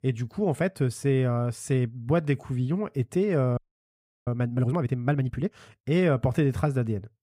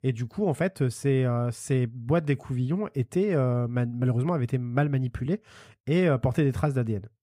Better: second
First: audio freezing; at 3.5 s for 0.5 s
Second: none

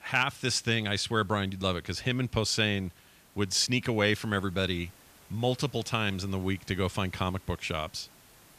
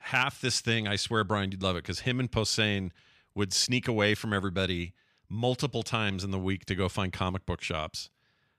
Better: second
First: hiss; faint; throughout; 25 dB below the speech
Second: none

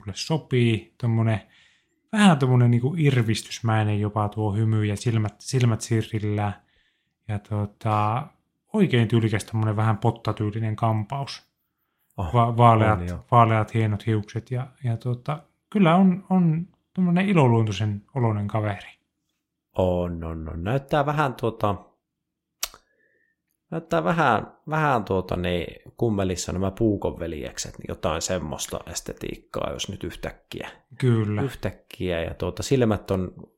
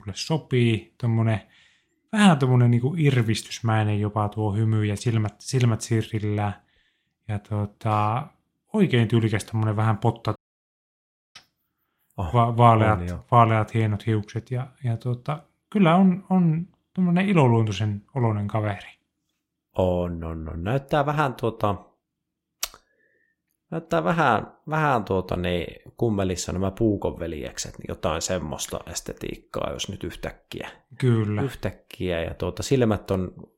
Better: first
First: none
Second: audio cutting out; at 10 s for 1 s

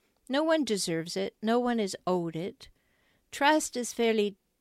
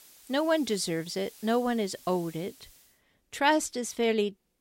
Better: first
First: none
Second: hiss; faint; until 3 s; 20 dB below the speech

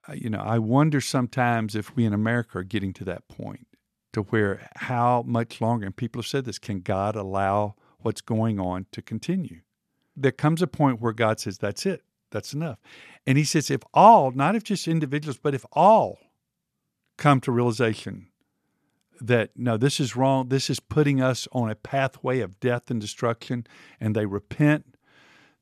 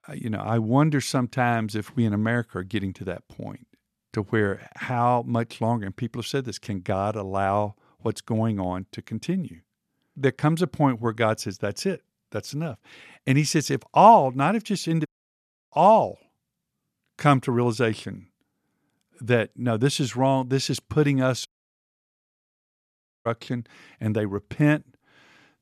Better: first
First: none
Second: audio cutting out; at 15 s for 0.5 s and at 21 s for 2 s

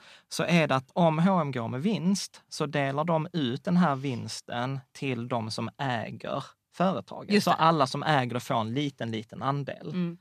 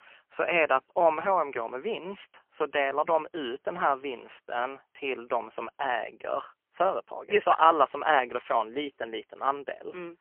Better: first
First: none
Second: phone-call audio; poor line; nothing above 3 kHz

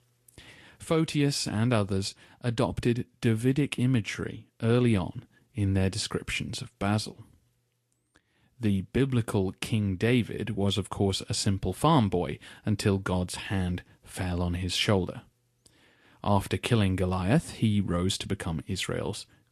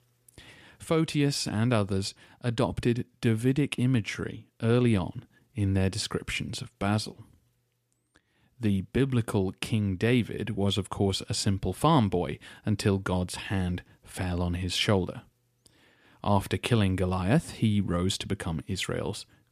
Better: second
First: garbled, watery; slightly; nothing above 11.5 kHz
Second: none

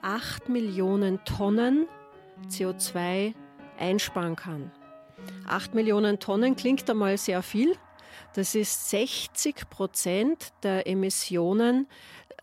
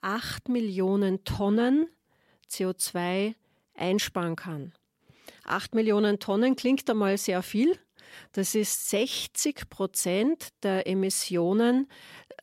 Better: second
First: background music; faint; throughout; 20 dB below the speech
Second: none

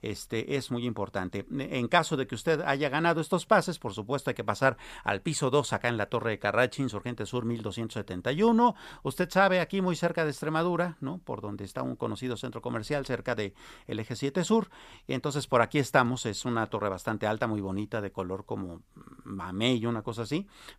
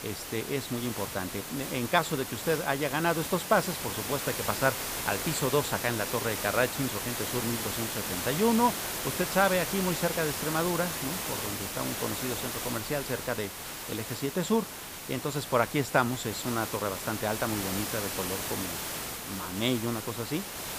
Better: first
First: none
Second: hiss; loud; throughout; 3 dB below the speech

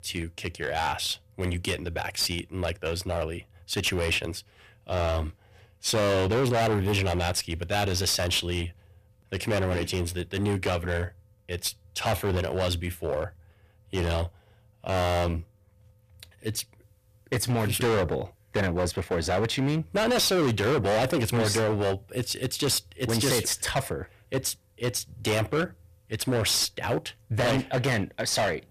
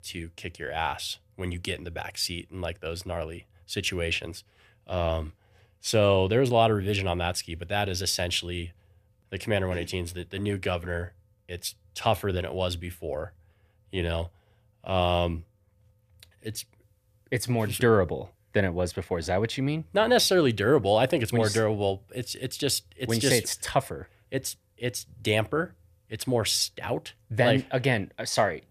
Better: second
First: distortion; heavy; 14% of the sound clipped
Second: none

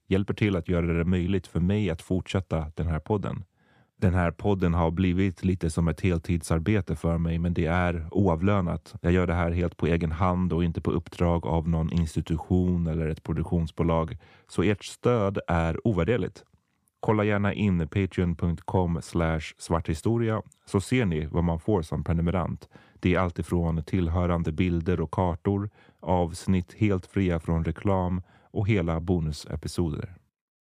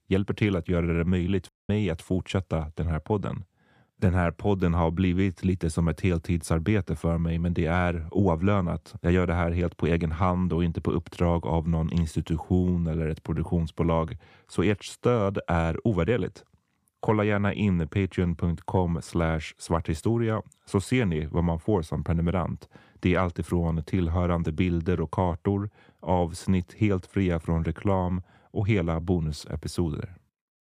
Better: first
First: none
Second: audio cutting out; at 1.5 s

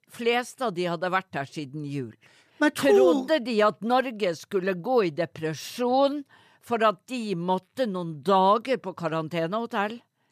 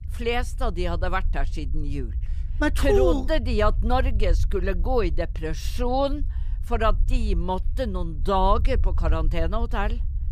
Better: first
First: none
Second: low rumble; faint; throughout; 25 dB below the speech

